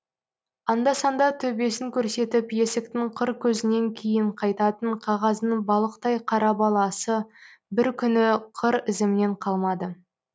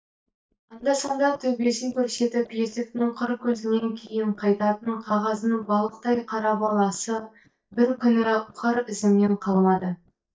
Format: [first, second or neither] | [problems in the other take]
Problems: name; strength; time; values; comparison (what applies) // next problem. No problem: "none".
first | noise reduction (neural mask model DeepFilterNet 3)